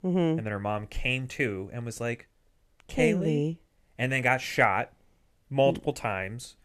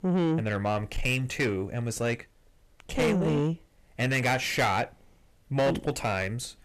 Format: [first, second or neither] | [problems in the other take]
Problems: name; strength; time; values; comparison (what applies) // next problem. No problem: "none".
first | distortion; heavy; 7 dB below the speech